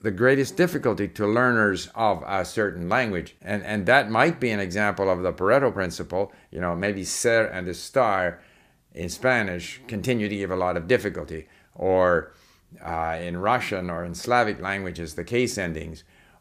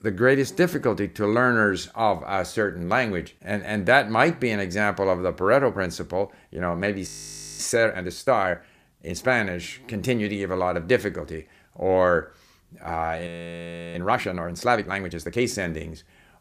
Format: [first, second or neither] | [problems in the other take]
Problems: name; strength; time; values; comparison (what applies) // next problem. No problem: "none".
first | audio freezing; at 7 s for 0.5 s and at 13 s for 0.5 s